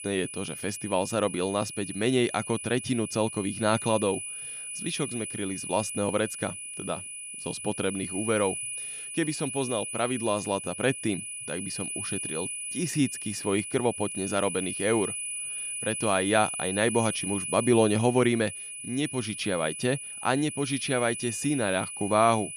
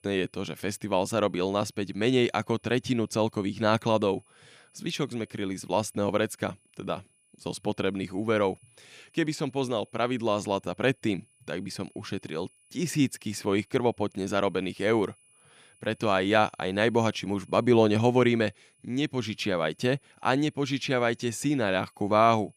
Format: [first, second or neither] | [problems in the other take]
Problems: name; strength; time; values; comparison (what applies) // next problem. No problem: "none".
second | high-pitched whine; loud; throughout; 10 kHz, 5 dB below the speech; faint in the second